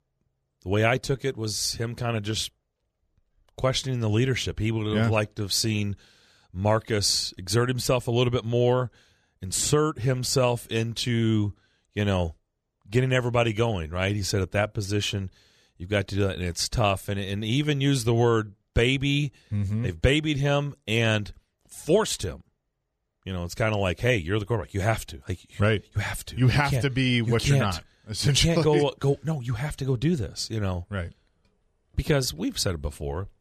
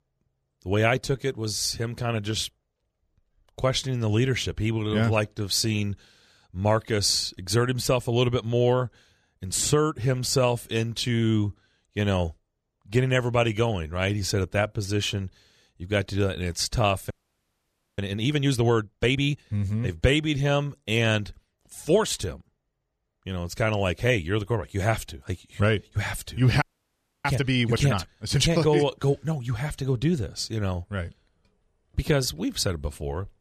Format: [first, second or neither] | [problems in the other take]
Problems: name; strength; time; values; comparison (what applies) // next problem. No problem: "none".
first | audio freezing; at 17 s for 1 s and at 27 s for 0.5 s